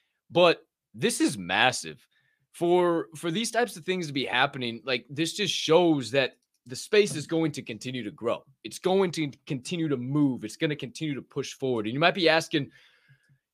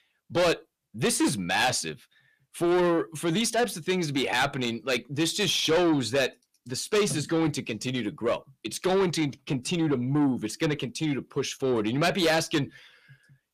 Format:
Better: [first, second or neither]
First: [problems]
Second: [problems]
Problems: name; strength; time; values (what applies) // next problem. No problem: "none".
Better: first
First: none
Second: distortion; heavy; 7 dB below the speech